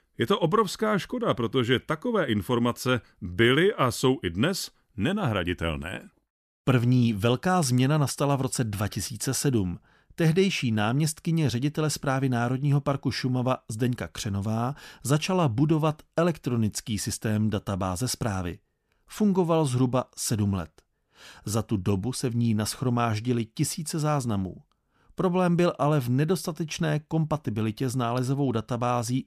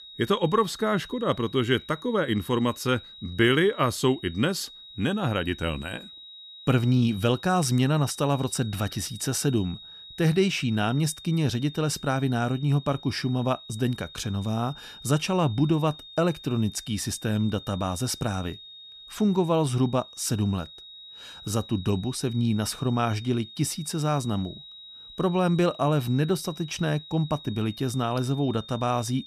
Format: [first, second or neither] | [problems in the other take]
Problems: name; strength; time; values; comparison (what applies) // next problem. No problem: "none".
first | high-pitched whine; noticeable; throughout; 4 kHz, 15 dB below the speech